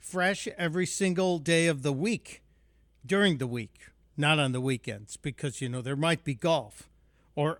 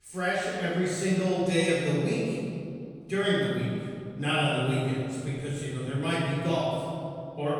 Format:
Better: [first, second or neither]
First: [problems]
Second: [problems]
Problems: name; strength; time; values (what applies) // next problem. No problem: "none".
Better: first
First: none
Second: room echo; strong; dies away in 2.2 s // off-mic speech; far